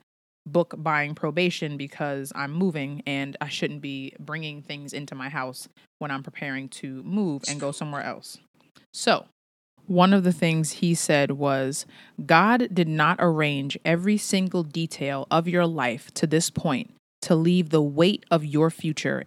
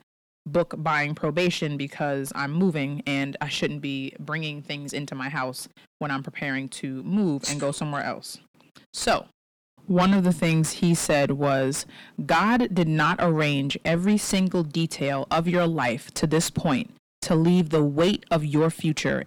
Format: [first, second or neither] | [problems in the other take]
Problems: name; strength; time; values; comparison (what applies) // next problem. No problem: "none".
first | distortion; heavy; 7 dB below the speech